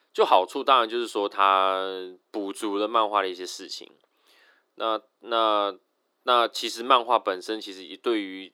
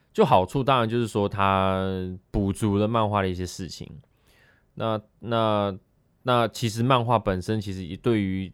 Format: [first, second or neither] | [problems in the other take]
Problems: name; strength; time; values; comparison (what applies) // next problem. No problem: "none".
second | thin; very; fading below 300 Hz